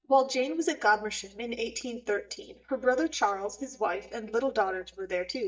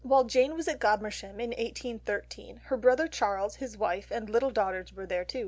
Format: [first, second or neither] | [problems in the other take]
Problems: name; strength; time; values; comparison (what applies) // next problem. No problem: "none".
second | noise reduction (neural mask model DeepFilterNet 3)